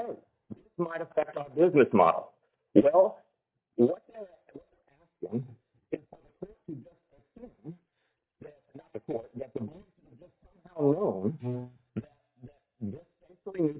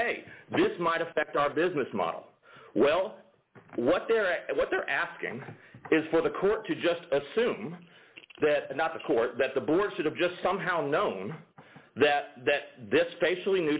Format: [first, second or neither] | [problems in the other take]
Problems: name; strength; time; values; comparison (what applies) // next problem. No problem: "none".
second | noise reduction (neural mask model DeepFilterNet 3)